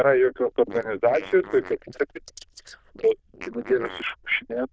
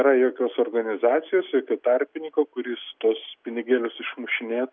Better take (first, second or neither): second